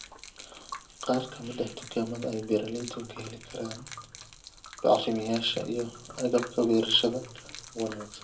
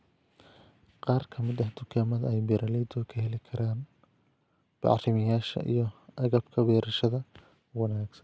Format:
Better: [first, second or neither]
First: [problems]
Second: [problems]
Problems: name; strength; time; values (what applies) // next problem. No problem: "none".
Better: second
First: background sound (Gurgling / Liquid); 15 dB below the speech // room echo; dies away in 0.2 s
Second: none